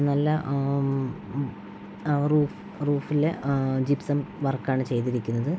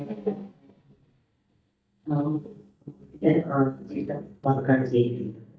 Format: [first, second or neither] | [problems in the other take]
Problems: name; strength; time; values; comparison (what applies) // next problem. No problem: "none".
first | noise reduction (neural mask model DeepFilterNet 3)